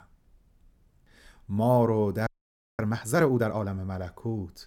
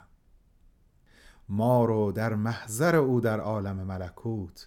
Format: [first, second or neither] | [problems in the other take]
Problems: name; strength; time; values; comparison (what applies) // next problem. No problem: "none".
second | audio freezing; at 2.5 s for 0.5 s